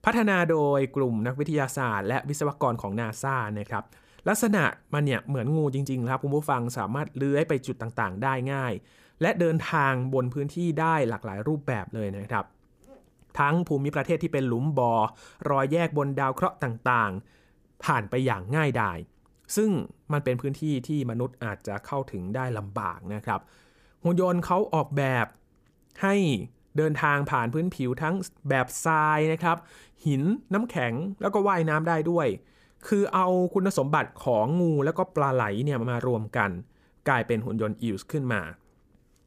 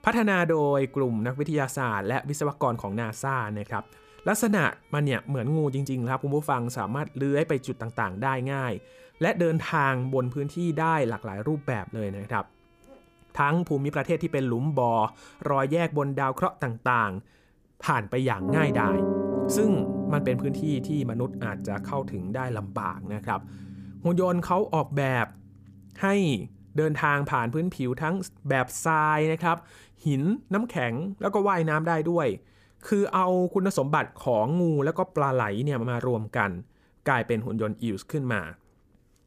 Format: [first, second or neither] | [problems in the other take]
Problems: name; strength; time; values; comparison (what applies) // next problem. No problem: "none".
first | background music; loud; throughout; 5 dB below the speech